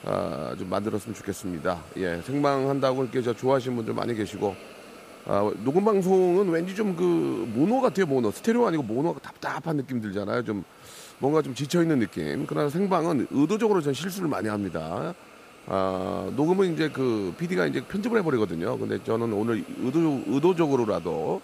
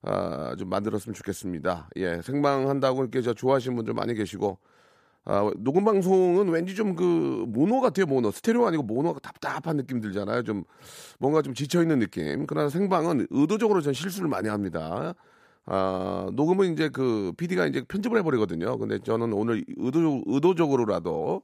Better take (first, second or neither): second